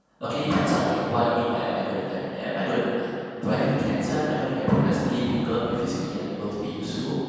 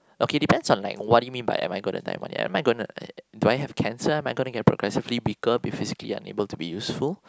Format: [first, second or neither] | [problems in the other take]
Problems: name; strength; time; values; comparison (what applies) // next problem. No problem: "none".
second | room echo; dies away in 2.1 s